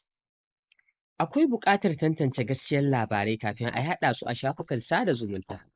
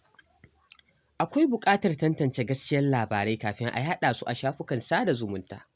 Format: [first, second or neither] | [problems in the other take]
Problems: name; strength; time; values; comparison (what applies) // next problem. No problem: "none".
second | noise reduction (neural mask model Resemble Enhance denoiser)